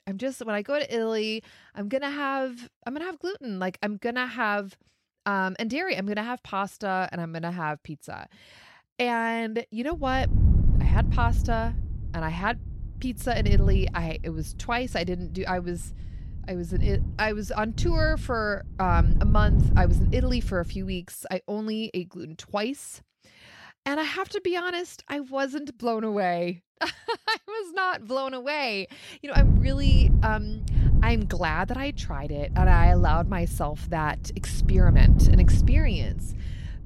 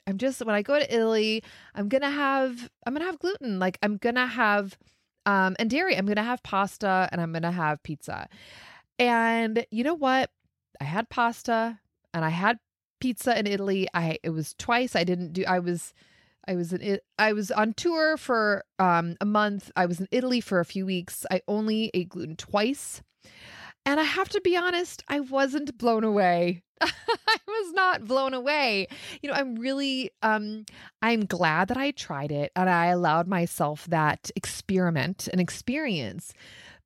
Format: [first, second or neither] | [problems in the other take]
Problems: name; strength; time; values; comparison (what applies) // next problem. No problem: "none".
second | wind noise on the microphone; heavy; from 10 to 21 s and from 29 s on; 10 dB below the speech